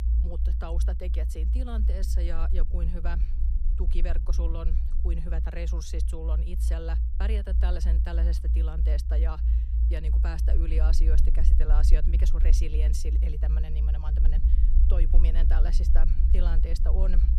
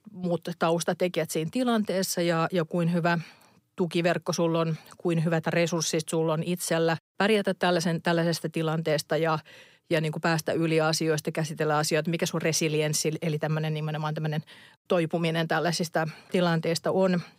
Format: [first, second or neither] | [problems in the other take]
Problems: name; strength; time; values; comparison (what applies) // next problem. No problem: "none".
second | low rumble; loud; throughout; 5 dB below the speech